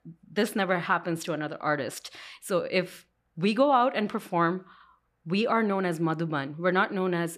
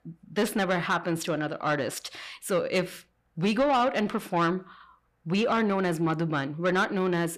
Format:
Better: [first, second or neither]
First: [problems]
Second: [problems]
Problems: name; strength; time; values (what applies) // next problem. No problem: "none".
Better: first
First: none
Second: distortion; slight; 10 dB below the speech